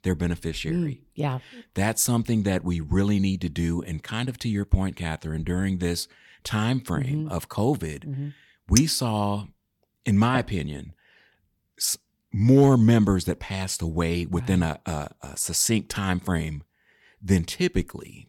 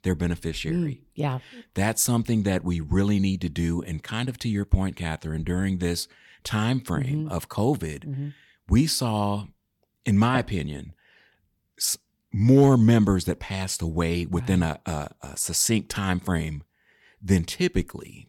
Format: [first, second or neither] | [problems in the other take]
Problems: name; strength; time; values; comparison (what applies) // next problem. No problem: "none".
second | clattering dishes; very faint; at 9 s; peak 1 dB below the speech